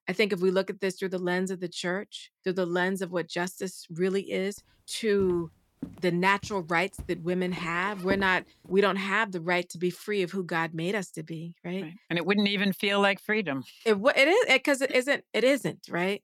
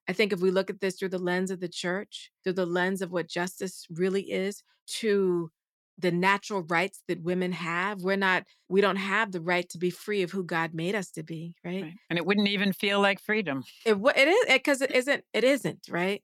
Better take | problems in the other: second | footsteps; noticeable; from 5 to 8.5 s; peak 9 dB below the speech

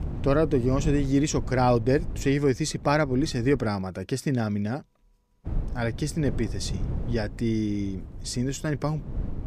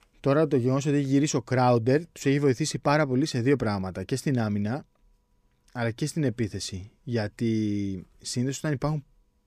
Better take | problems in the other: second | wind noise on the microphone; occasional gusts; until 3.5 s and from 5.5 s on; 20 dB below the speech

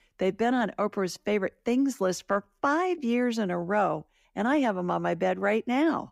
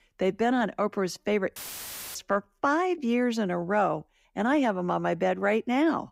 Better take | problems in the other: first | audio cutting out; filled with static; at 1.5 s for 0.5 s

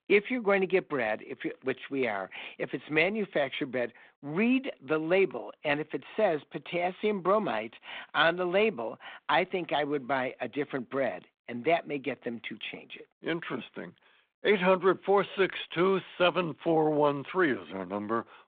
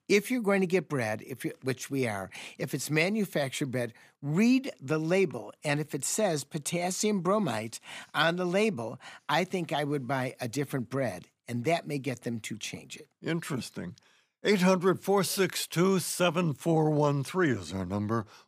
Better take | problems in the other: second | phone-call audio; nothing above 3.5 kHz

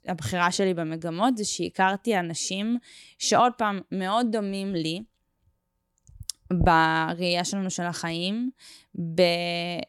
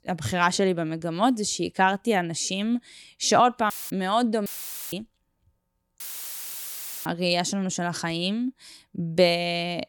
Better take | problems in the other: first | audio cutting out; filled with static; at 3.5 s, at 4.5 s and at 6 s for 1 s

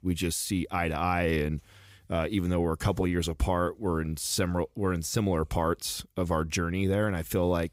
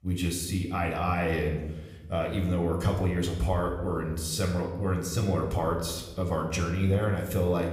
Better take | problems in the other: first | room echo; slight; dies away in 0.9 s // off-mic speech; somewhat distant

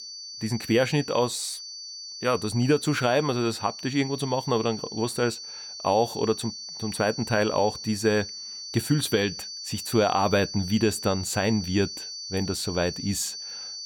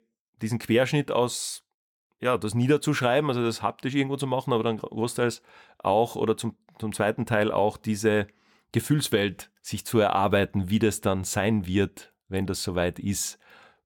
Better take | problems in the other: second | high-pitched whine; loud; throughout; 4.5 kHz, 9 dB below the speech

